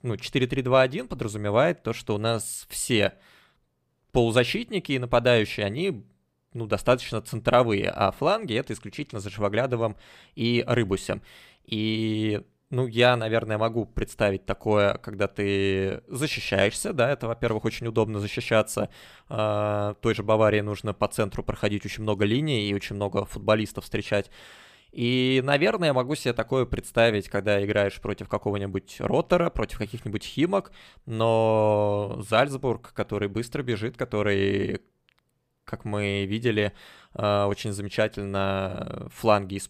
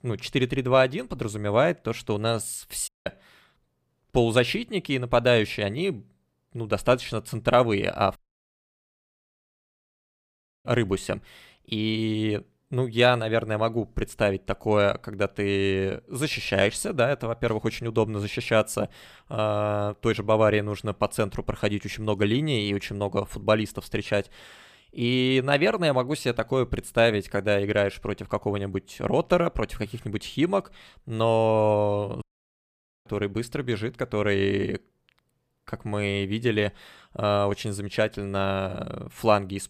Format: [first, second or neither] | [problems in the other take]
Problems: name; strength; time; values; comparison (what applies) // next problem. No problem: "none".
first | audio cutting out; at 3 s, at 8 s for 2.5 s and at 32 s for 1 s